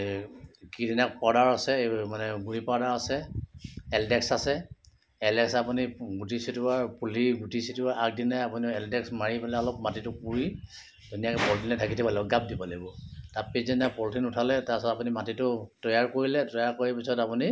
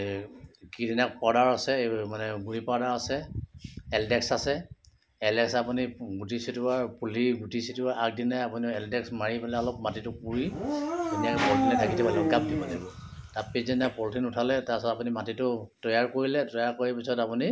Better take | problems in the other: first | background sound (Dog); 1 dB below the speech

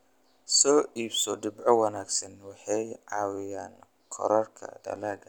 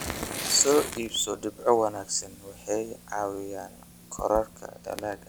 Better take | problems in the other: first | background sound (Fire); 10 dB below the speech

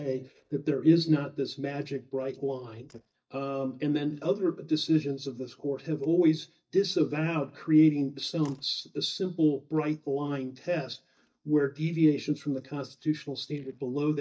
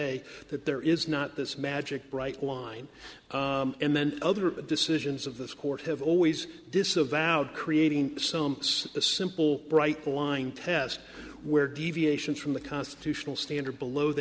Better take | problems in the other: second | noise reduction (neural mask model DeepFilterNet 3)

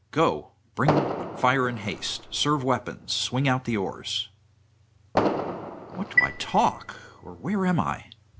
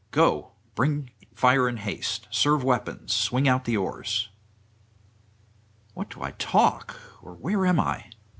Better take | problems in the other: second | background sound (Fireworks + Chime); 3 dB below the speech

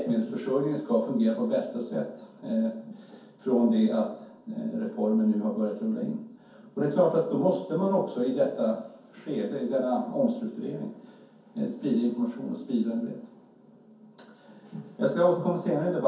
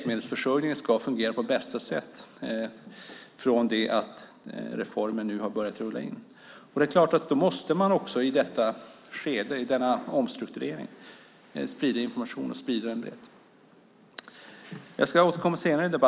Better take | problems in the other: second | room echo; dies away in 0.6 s

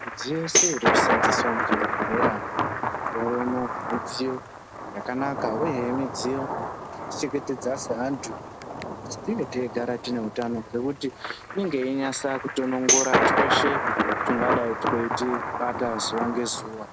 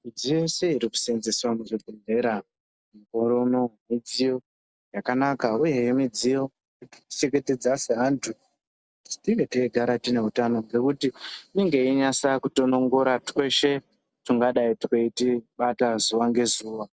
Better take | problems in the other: second | background sound (Tambourine + Thunder); 2 dB above the speech

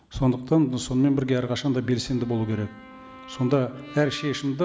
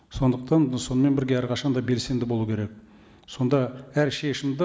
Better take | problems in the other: second | background sound (Brass instrument); 19 dB below the speech

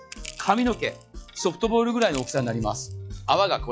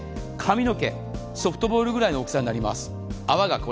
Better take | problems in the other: second | noise reduction (classical method log-MMSE)

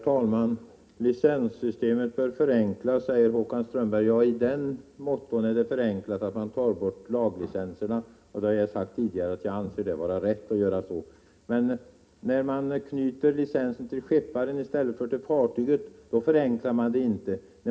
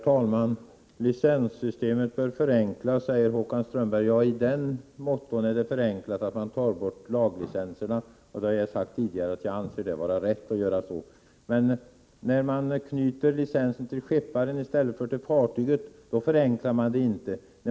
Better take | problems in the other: second | room echo; dies away in 0.3 s

